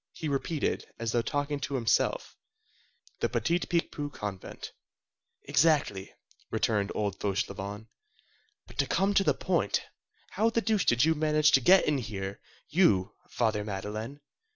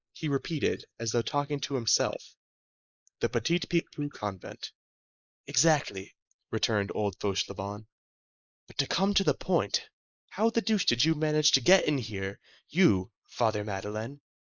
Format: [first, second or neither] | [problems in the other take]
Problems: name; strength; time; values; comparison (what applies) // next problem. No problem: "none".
first | noise reduction (neural mask model Resemble Enhance denoiser)